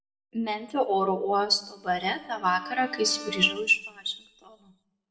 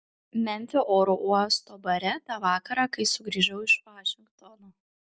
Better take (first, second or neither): second